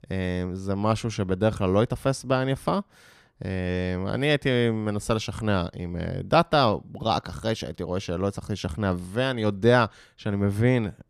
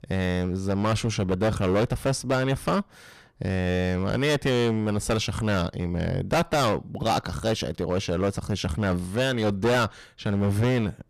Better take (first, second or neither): first